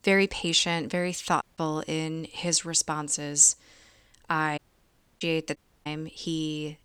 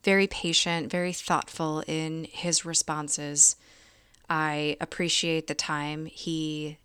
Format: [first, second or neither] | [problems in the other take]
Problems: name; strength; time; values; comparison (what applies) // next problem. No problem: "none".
second | audio cutting out; at 1.5 s, at 4.5 s for 0.5 s and at 5.5 s